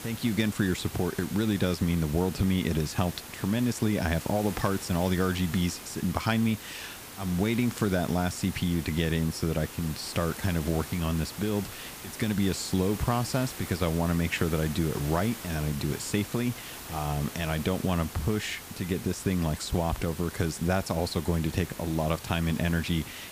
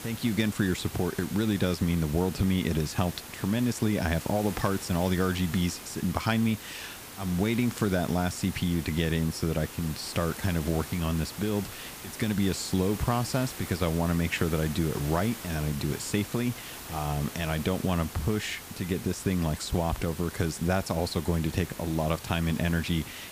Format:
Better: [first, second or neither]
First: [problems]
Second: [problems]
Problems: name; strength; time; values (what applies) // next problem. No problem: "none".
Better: neither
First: hiss; noticeable; throughout; 10 dB below the speech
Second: hiss; noticeable; throughout; 10 dB below the speech